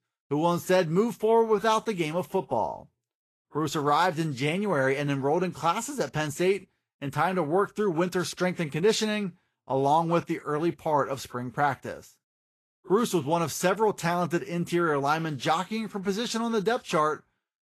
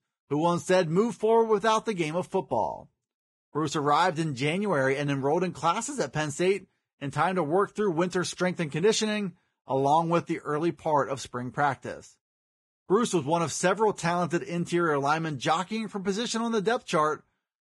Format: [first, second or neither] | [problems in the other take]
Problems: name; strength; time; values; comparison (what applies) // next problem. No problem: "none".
first | garbled, watery; badly; nothing above 10.5 kHz; slightly in the first